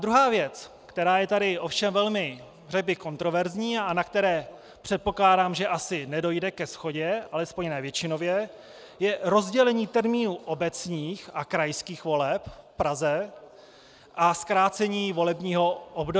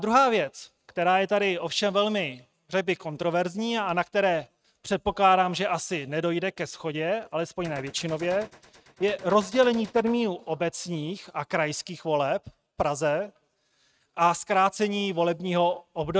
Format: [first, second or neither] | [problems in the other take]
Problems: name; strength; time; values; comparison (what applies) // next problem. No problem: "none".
first | noise reduction (neural mask model RNNoise)